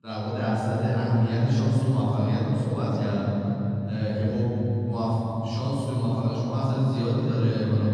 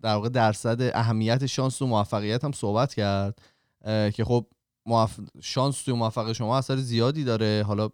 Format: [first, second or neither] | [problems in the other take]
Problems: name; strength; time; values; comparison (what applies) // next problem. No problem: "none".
second | room echo; strong; dies away in 3 s // off-mic speech; far